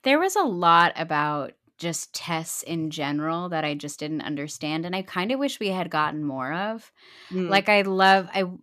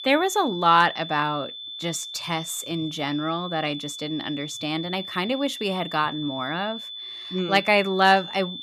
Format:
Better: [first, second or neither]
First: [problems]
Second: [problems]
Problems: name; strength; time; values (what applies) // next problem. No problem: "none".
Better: first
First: none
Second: high-pitched whine; loud; throughout; 3.5 kHz, 10 dB below the speech